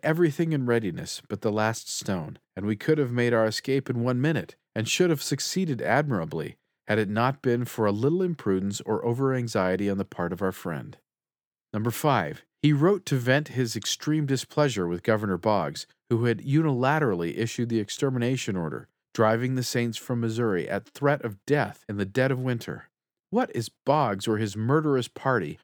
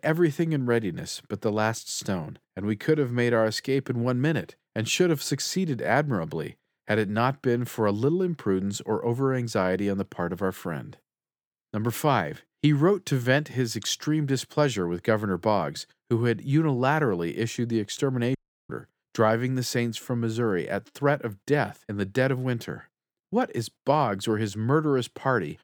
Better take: first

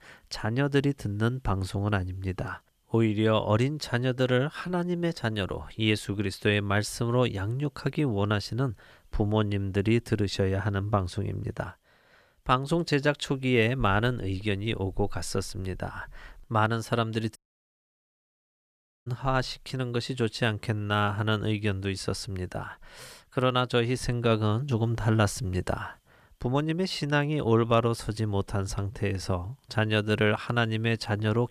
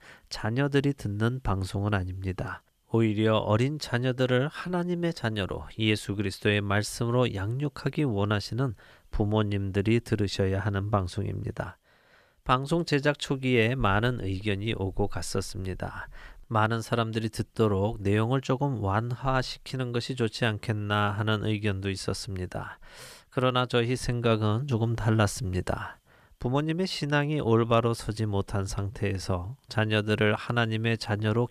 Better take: second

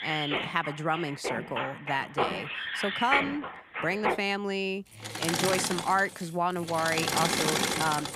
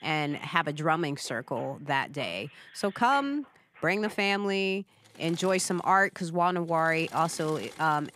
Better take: second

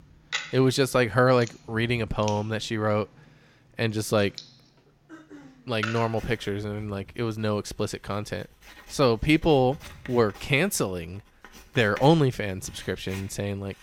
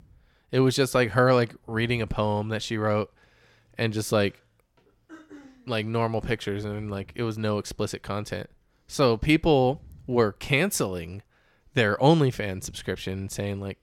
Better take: second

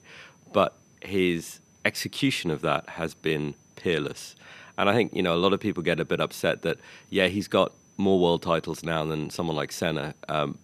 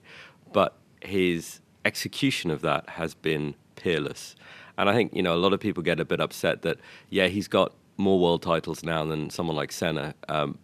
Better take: second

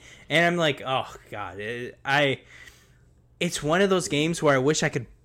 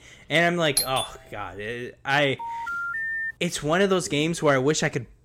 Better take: first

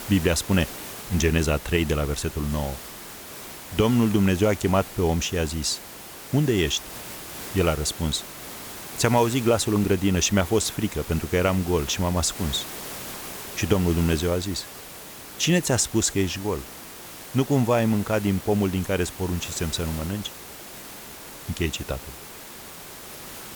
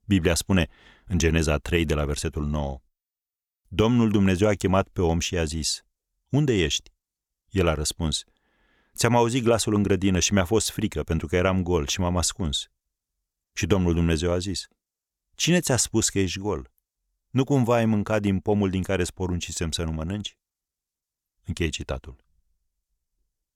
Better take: second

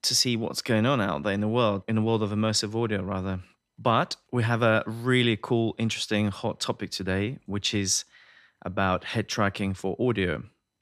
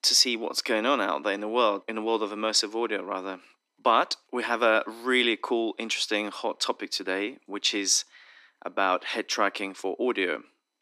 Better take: first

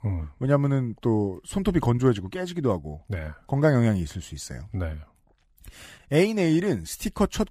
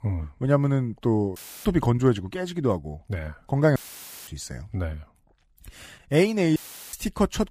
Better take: first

